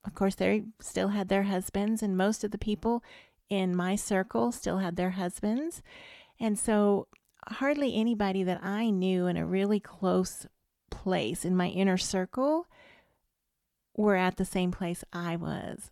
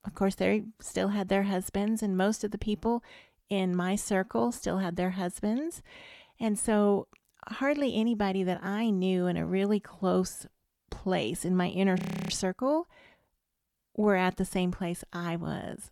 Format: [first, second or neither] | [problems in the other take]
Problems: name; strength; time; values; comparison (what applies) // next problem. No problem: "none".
first | audio freezing; at 12 s